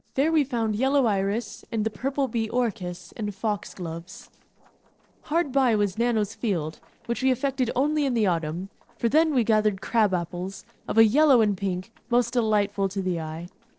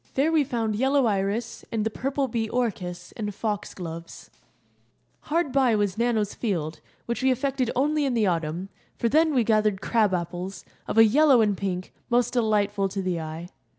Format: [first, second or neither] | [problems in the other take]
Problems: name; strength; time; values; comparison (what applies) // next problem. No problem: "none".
second | noise reduction (neural separator model SepFormer DNS4)